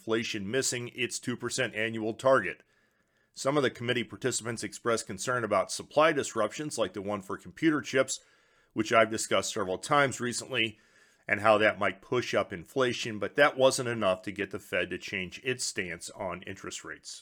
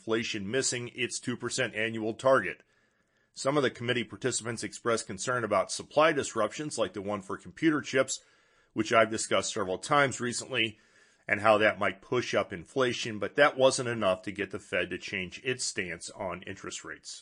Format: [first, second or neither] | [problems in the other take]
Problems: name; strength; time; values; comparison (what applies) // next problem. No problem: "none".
first | garbled, watery; slightly; nothing above 9.5 kHz